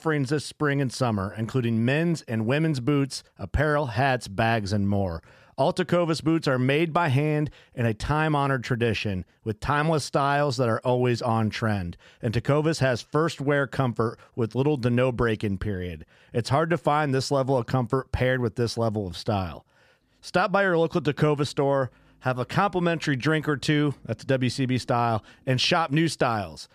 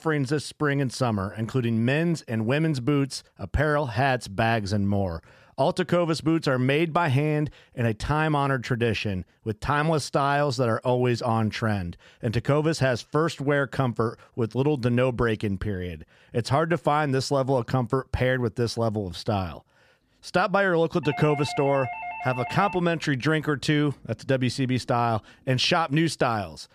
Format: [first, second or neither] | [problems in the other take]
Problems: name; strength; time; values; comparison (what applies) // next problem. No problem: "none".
first | doorbell; noticeable; from 21 to 23 s; peak 8 dB below the speech